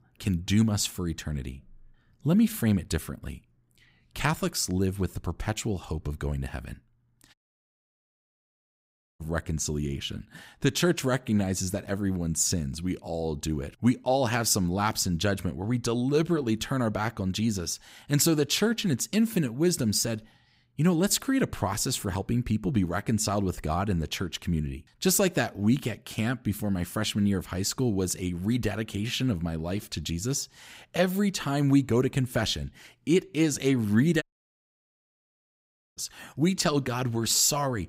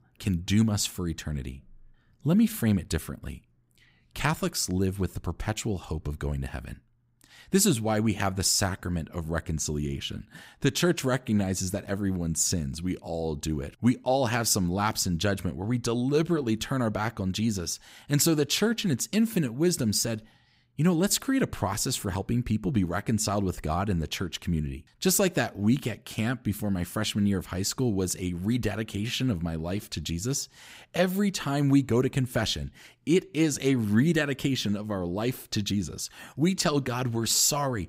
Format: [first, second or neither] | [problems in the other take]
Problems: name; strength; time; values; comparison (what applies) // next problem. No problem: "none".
second | audio cutting out; at 7.5 s for 2 s and at 34 s for 1.5 s